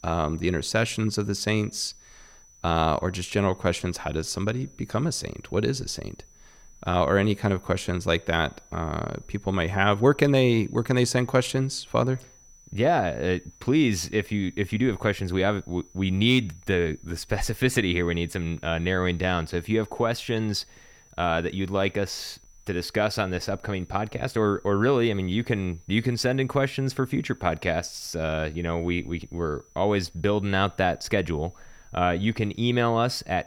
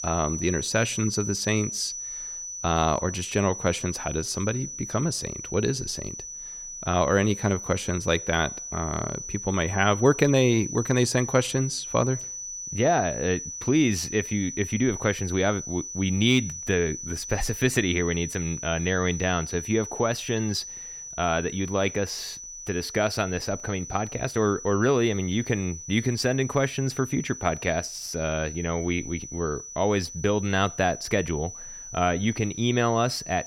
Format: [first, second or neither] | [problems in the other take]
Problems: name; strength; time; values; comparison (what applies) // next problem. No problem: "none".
first | high-pitched whine; loud; throughout; 6 kHz, 9 dB below the speech; faint in the first